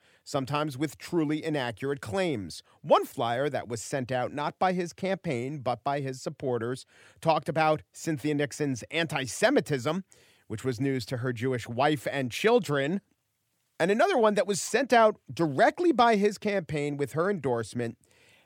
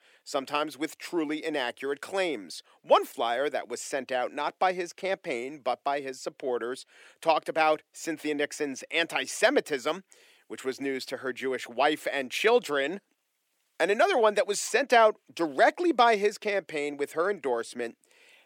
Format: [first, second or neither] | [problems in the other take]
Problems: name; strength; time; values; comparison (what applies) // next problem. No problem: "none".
first | thin; somewhat; fading below 300 Hz